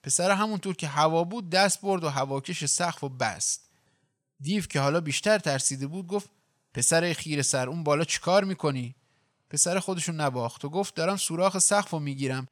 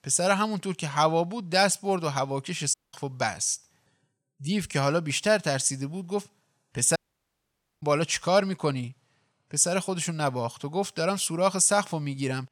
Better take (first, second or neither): first